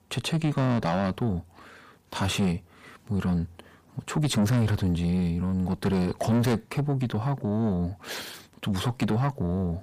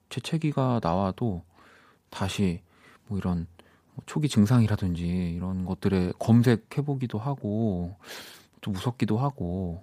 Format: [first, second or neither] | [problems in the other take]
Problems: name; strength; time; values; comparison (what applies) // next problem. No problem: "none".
second | distortion; heavy; 6 dB below the speech